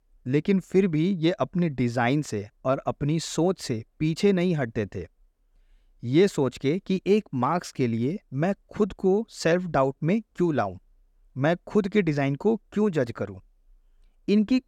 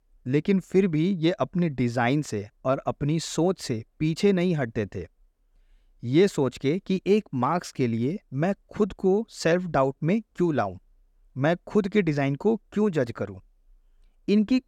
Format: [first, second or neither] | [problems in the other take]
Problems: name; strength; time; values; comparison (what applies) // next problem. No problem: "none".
neither | none